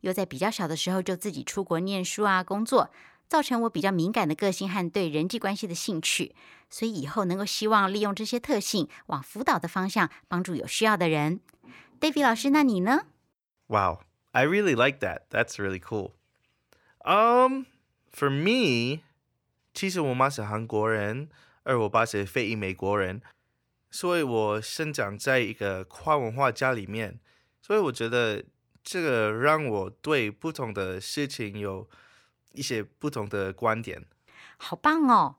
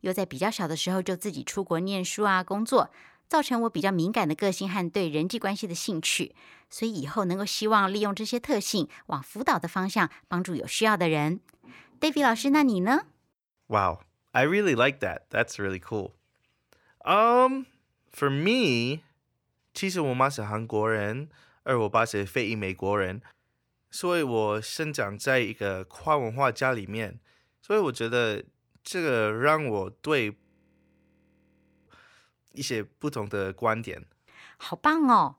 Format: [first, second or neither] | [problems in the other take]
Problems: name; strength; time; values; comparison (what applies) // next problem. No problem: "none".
first | audio freezing; at 30 s for 1.5 s